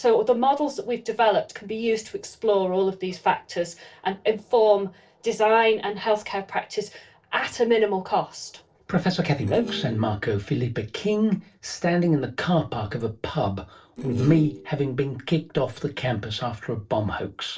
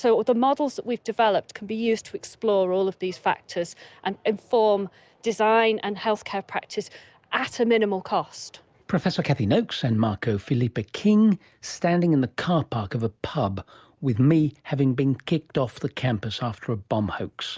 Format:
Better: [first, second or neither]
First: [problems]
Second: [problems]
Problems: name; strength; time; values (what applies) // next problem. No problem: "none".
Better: second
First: noise reduction (neural separator model SepFormer DNS4)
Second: none